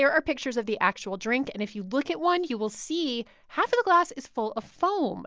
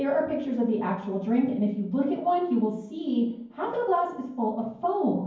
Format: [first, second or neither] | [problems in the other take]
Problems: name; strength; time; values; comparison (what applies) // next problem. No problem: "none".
first | room echo; dies away in 0.9 s